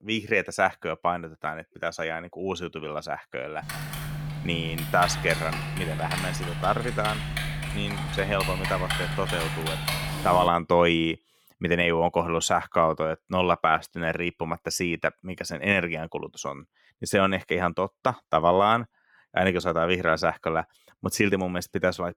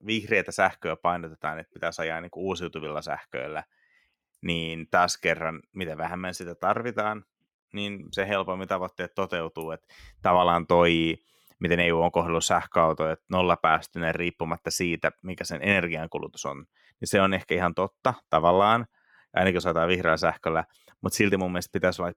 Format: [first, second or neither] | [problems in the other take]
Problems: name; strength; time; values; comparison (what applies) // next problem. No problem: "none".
second | keyboard typing; noticeable; from 3.5 to 10 s; peak 1 dB below the speech